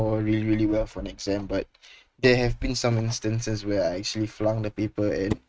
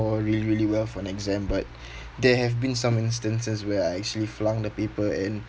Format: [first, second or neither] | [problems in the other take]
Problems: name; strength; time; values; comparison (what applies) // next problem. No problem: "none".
second | noise reduction (neural mask model RNNoise)